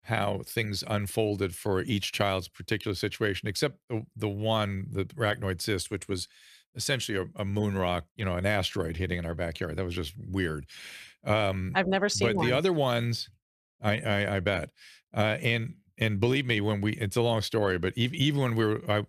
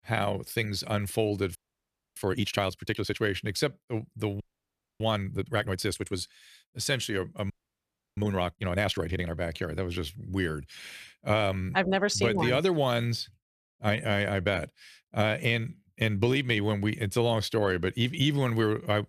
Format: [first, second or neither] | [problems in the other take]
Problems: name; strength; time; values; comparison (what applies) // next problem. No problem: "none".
first | audio freezing; at 1.5 s for 0.5 s, at 4.5 s for 0.5 s and at 7.5 s for 0.5 s